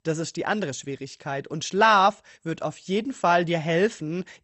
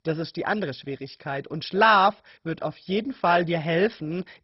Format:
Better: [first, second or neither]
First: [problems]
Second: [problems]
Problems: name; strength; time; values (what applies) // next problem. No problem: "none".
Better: first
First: garbled, watery; slightly; nothing above 8 kHz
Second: garbled, watery; badly; nothing above 5.5 kHz